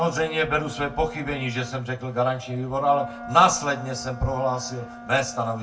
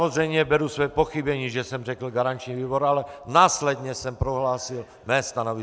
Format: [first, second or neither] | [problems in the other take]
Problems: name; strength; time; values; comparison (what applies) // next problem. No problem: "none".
second | background sound (Wind instrument, woodwind instrument); 16 dB below the speech // room echo; dies away in 0.2 s